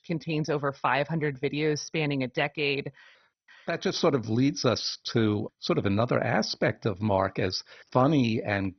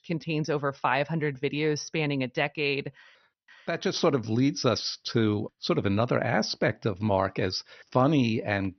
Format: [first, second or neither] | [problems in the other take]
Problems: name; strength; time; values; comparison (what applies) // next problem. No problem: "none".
second | garbled, watery; badly; nothing above 6 kHz; slightly in the second